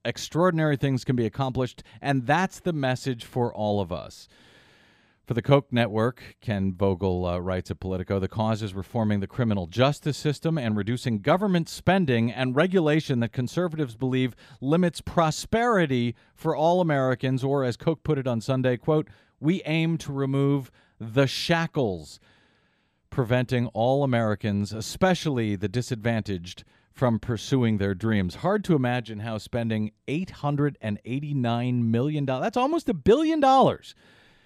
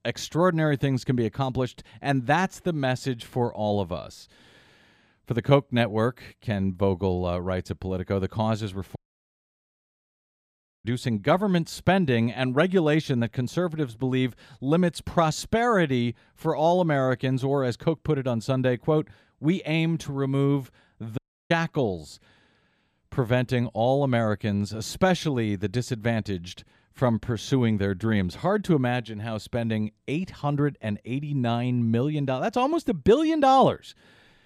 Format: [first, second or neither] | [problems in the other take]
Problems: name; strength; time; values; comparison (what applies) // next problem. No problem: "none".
first | audio cutting out; at 9 s for 2 s and at 21 s